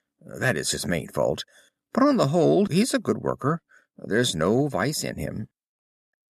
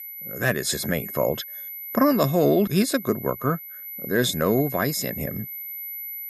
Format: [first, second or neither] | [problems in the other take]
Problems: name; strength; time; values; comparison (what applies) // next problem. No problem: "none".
first | high-pitched whine; loud; throughout; 12 kHz, 10 dB below the speech